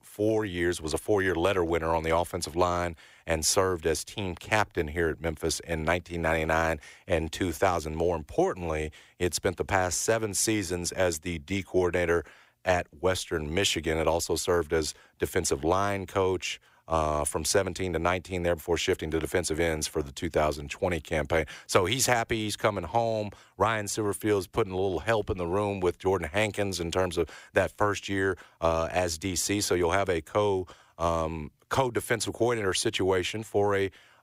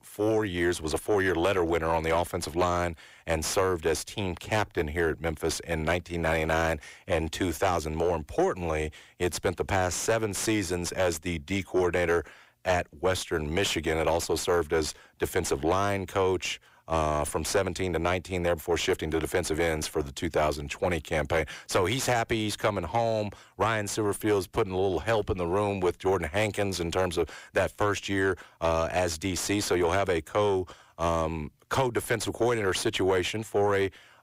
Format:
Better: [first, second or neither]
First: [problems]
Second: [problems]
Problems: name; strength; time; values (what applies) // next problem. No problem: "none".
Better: first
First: none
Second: distortion; slight; 10 dB below the speech